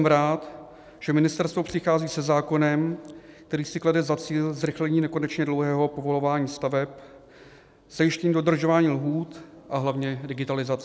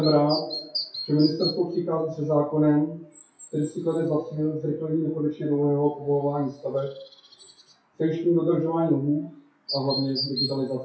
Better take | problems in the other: first | noise reduction (classical method WPE with log-MMSE)

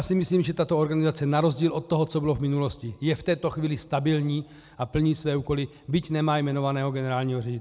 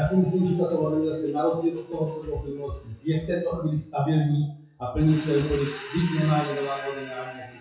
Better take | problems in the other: first | noise reduction (classical method WPE with log-MMSE)

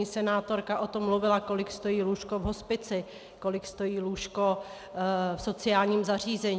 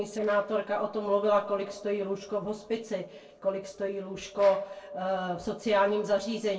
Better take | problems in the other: first | noise reduction (neural separator model SepFormer DNS4)

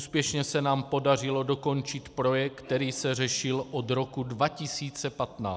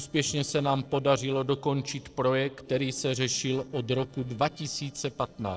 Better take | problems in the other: first | noise reduction (neural separator model SepFormer DNS4)

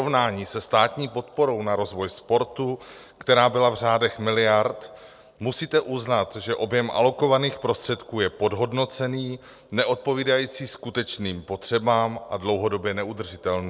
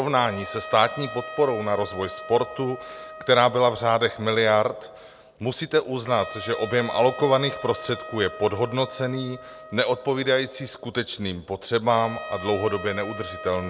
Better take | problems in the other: first | background sound (Trumpet); 14 dB below the speech

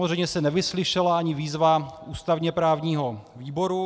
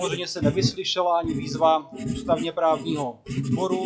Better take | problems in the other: first | noise reduction (classical method WPE with log-MMSE)

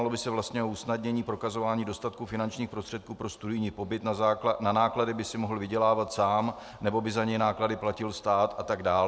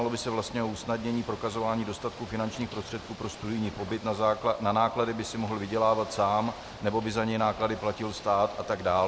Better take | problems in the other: first | background sound (Ocean / Boat, Water vehicle); 16 dB below the speech

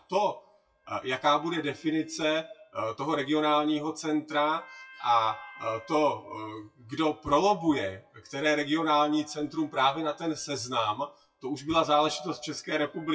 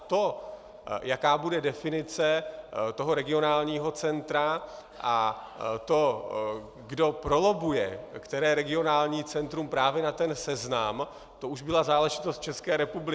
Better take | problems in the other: second | noise reduction (classical method WPE with log-MMSE)

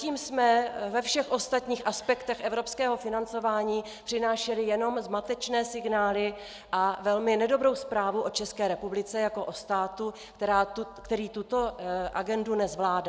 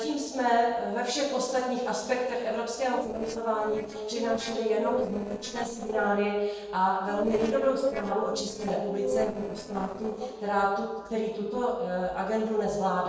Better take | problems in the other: first | noise reduction (neural separator model SepFormer DNS4)

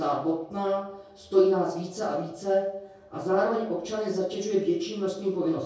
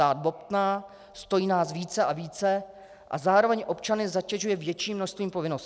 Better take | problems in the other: second | room echo; dies away in 0.6 s

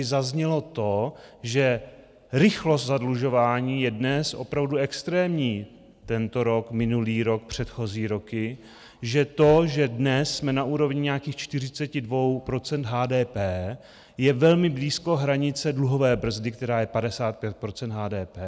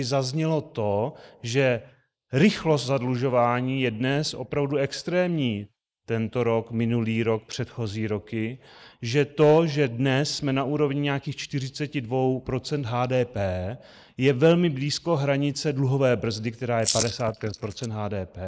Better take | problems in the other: first | noise reduction (neural mask model Resemble Enhance denoiser)

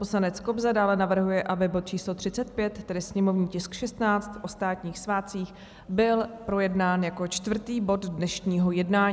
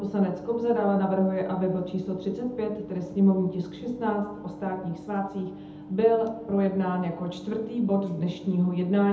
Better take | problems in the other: first | background sound (Microwave oven); 16 dB below the speech // room echo; dies away in 0.7 s

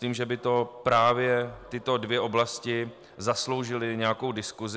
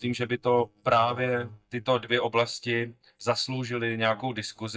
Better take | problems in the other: first | noise reduction (neural mask model DeepFilterNet 3)

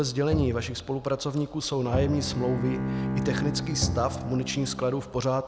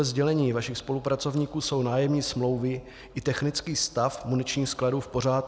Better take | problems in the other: second | background sound (Bowed string instrument + Bowed string instrument); 4 dB below the speech

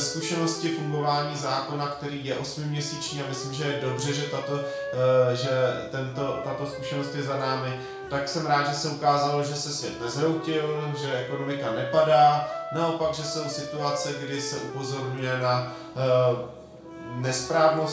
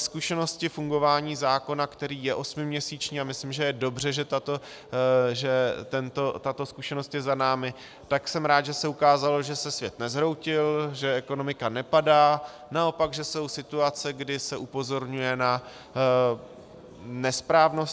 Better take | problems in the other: second | background sound (Wind instrument, woodwind instrument); 11 dB below the speech // room echo; dies away in 0.5 s

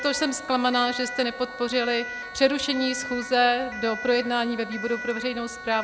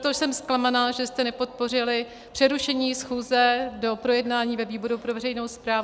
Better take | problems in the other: second | background sound (Siren); 11 dB below the speech

